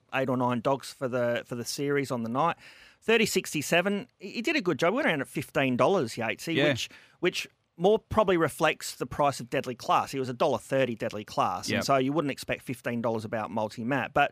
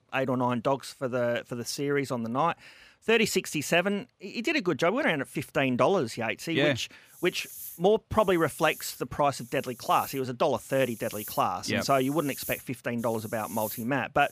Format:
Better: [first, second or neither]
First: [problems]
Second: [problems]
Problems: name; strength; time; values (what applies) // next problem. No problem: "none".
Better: first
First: none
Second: hiss; noticeable; from 7 s on; 15 dB below the speech